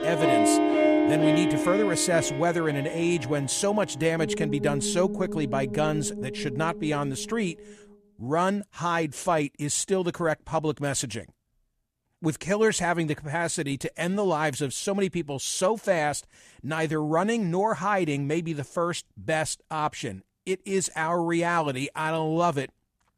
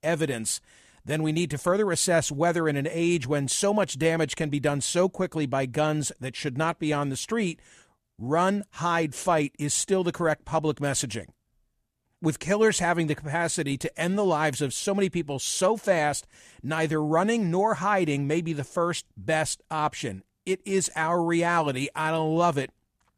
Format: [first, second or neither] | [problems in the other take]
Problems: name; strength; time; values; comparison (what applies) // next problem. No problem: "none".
second | background music; loud; until 7.5 s; as loud as the speech